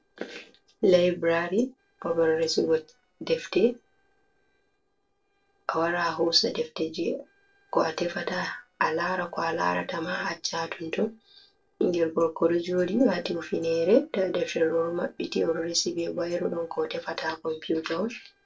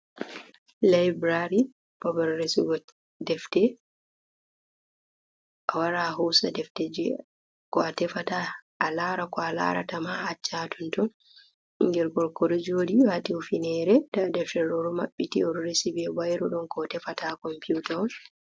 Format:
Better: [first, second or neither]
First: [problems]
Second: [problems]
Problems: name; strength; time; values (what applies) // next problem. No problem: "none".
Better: second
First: noise reduction (neural separator model SepFormer DNS4)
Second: none